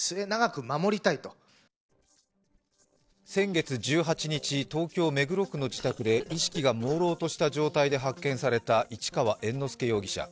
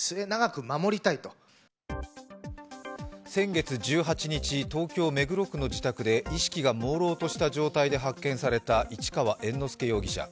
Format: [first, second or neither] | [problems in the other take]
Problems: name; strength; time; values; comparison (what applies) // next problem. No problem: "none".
second | noise reduction (neural separator model SepFormer DNS4)